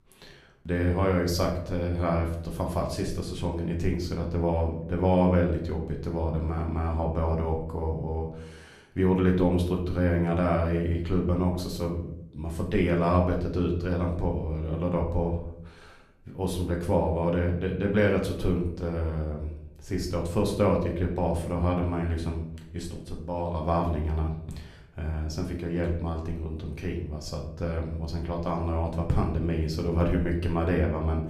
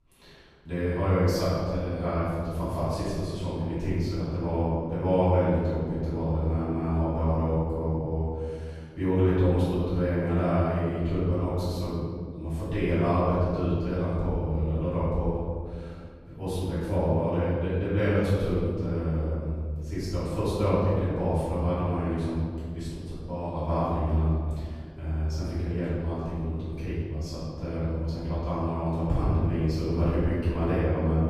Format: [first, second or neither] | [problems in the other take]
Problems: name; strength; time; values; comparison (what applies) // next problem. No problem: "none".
first | room echo; strong; dies away in 2 s; slight in the first // off-mic speech; far; somewhat distant in the first